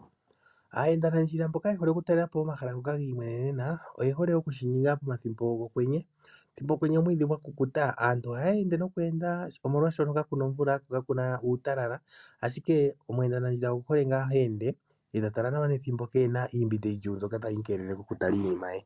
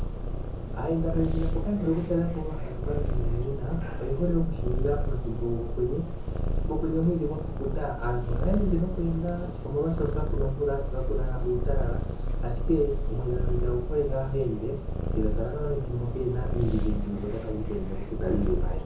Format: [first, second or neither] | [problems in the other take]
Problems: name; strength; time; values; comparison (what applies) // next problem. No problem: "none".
first | background sound (Purr); 2 dB above the speech // room echo; dies away in 0.5 s